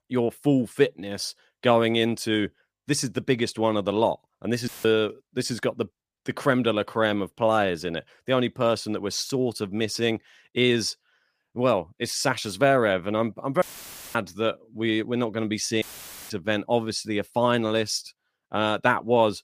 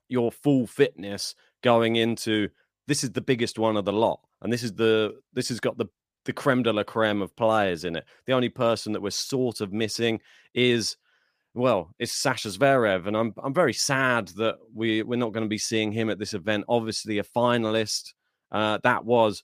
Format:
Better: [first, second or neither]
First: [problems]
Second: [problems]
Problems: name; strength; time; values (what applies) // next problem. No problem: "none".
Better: second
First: audio cutting out; filled with static; at 4.5 s, at 14 s for 0.5 s and at 16 s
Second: none